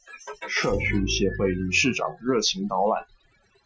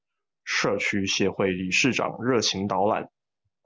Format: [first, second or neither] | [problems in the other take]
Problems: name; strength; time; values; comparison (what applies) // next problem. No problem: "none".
second | noise reduction (classical method Wiener filter)